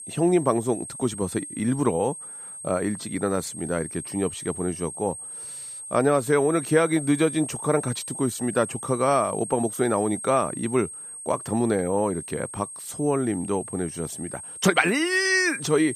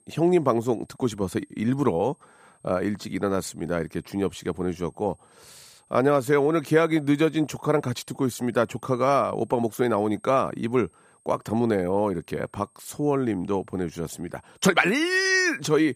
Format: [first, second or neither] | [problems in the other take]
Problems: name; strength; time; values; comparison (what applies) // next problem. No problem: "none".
second | high-pitched whine; loud; throughout; 8.5 kHz, 10 dB below the speech; faint in the second